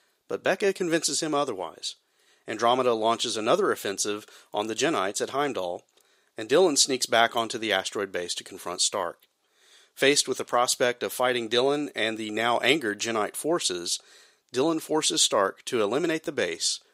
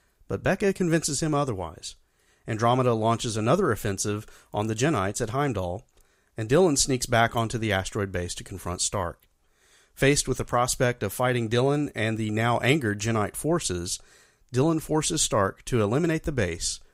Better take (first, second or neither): second